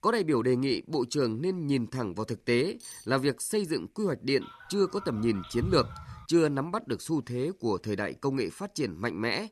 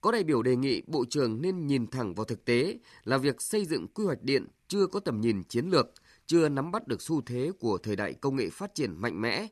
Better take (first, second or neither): second